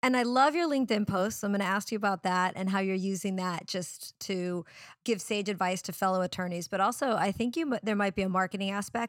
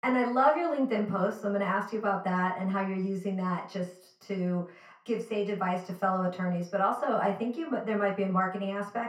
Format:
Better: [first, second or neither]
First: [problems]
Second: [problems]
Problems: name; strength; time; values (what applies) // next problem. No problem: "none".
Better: first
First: none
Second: room echo; slight; dies away in 0.4 s // off-mic speech; far